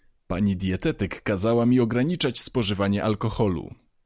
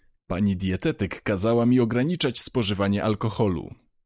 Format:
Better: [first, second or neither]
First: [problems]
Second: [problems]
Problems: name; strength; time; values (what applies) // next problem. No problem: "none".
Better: first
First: none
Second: noise reduction (neural mask model Resemble Enhance denoiser)